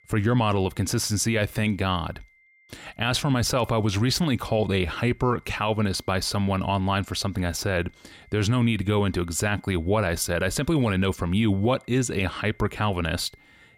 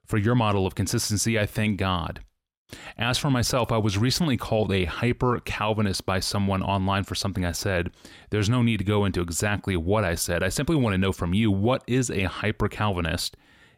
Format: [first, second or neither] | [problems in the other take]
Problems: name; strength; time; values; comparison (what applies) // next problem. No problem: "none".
second | high-pitched whine; faint; throughout; 2 kHz, 30 dB below the speech